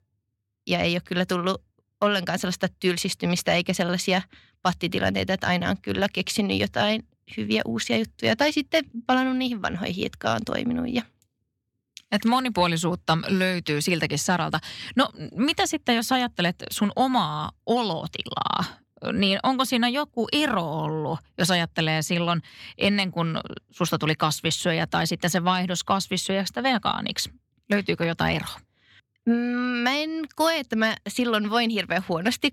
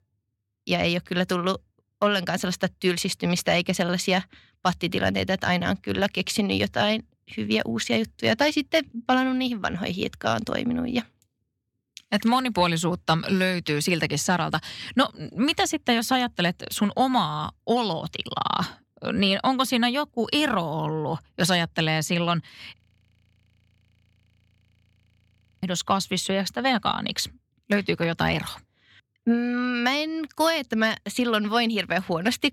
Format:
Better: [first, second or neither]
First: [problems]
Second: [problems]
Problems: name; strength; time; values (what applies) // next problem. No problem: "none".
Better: first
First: none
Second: audio freezing; at 23 s for 3 s